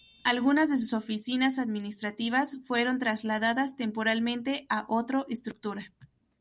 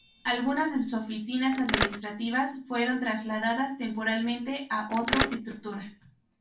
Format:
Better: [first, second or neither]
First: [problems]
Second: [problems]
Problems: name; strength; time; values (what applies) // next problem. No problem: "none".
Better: first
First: none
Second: background sound (Mechanisms); 1 dB above the speech // room echo; dies away in 0.3 s